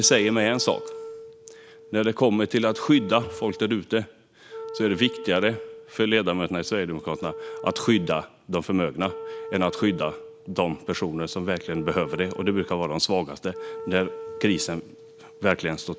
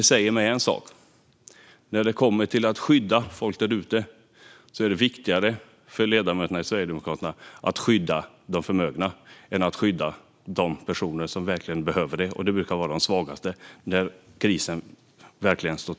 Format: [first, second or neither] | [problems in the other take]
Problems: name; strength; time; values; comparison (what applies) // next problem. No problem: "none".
second | background sound (Wind instrument, woodwind instrument); 13 dB below the speech